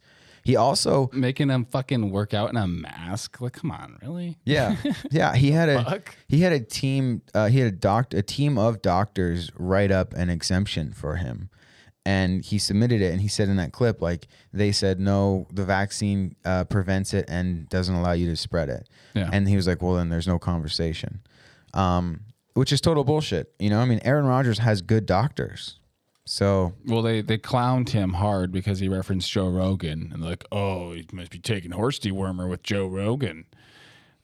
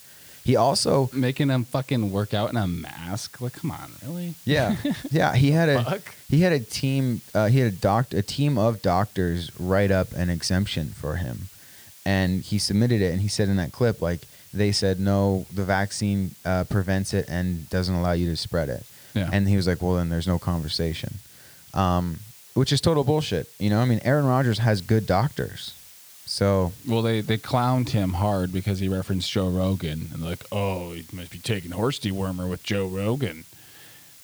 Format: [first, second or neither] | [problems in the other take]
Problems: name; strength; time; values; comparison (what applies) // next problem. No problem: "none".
first | hiss; faint; throughout; 20 dB below the speech